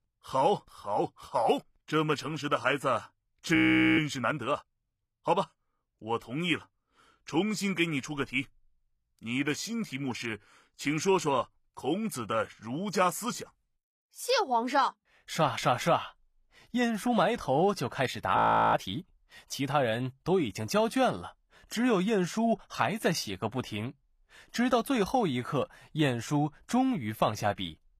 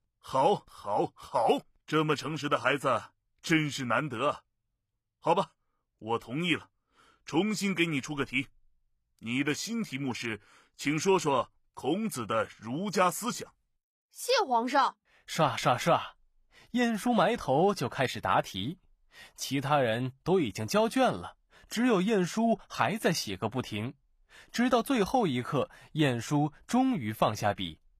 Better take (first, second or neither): second